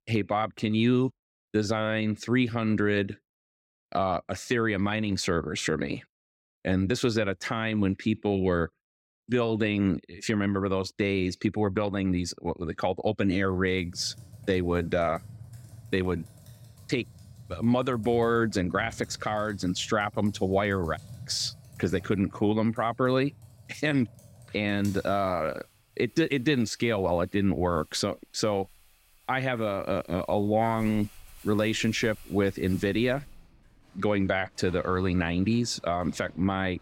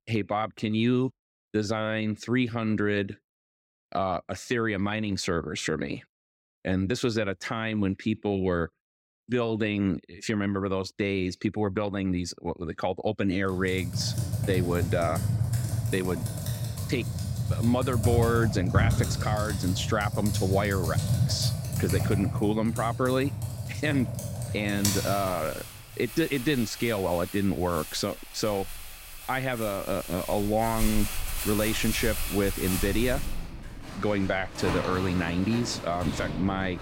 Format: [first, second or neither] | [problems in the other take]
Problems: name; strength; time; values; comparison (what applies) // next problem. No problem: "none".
first | household noises; loud; from 14 s on; 3 dB below the speech; faint in the first